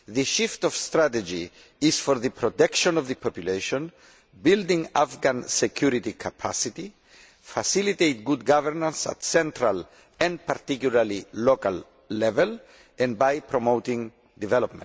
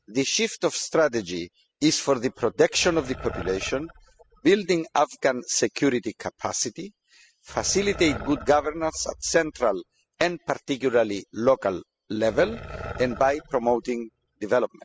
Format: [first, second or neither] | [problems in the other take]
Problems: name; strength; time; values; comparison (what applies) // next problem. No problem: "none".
first | noise reduction (classical method spectral subtraction)